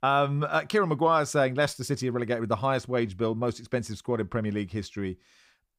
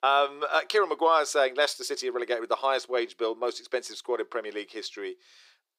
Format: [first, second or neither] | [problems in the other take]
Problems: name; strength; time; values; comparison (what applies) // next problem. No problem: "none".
first | thin; very; fading below 350 Hz